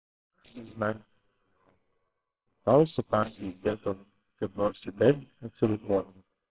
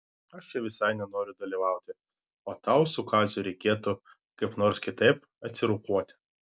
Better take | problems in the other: second | noise reduction (neural separator model SepFormer WHAMR!)

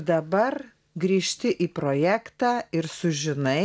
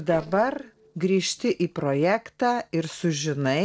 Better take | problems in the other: first | noise reduction (neural separator model SepFormer DNS4)

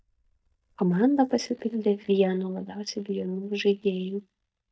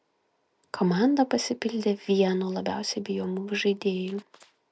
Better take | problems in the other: second | noise reduction (neural mask model DeepFilterNet 3)

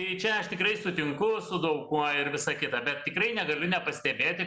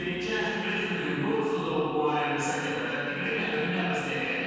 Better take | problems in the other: first | room echo; dies away in 2.1 s

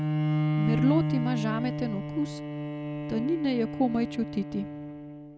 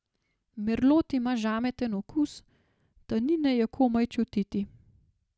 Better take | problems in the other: second | background sound (Bowed string instrument); as loud as the speech

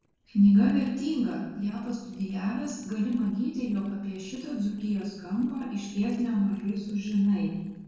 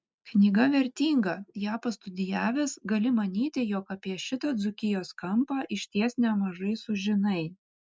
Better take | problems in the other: second | noise reduction (neural separator model SepFormer DNS4)

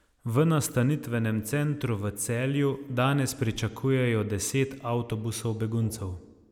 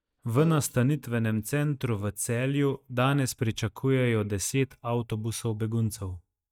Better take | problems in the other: first | noise reduction (neural mask model DeepFilterNet 3)

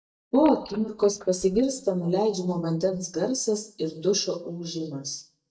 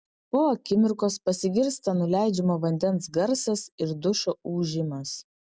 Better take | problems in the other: second | noise reduction (neural mask model DeepFilterNet 3)

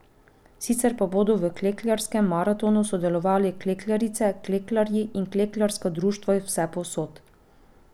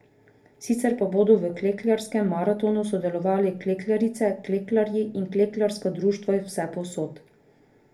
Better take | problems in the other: first | room echo; dies away in 0.3 s

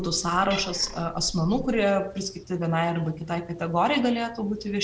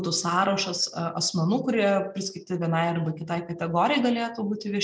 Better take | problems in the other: second | background sound (Cat); 16 dB below the speech

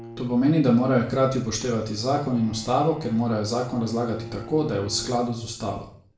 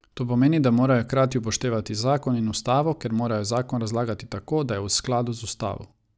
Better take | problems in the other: second | background sound (Bowed string instrument); 19 dB below the speech // room echo; dies away in 0.5 s

